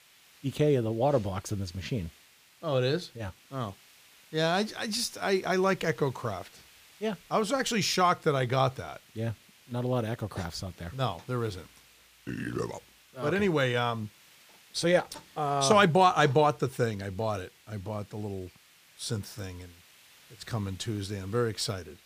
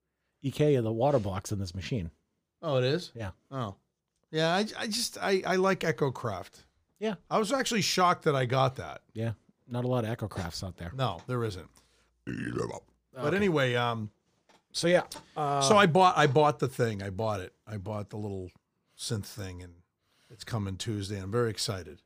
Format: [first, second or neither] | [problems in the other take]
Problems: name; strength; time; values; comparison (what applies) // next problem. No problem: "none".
second | hiss; faint; throughout; 25 dB below the speech